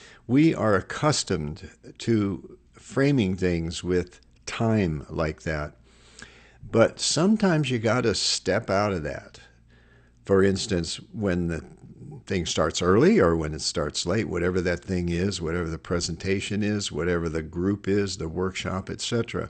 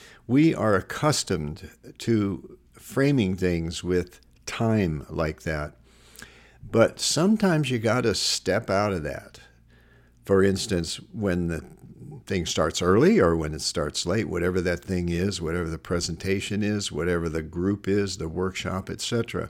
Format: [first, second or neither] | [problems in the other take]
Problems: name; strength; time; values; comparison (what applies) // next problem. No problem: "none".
second | garbled, watery; slightly; nothing above 8.5 kHz